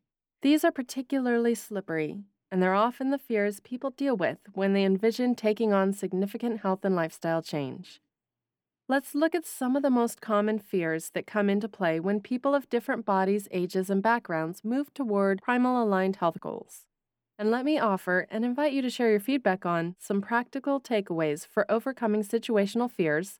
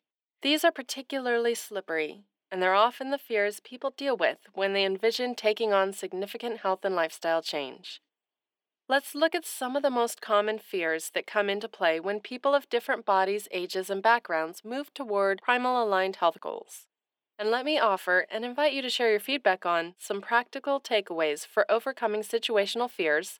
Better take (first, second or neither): first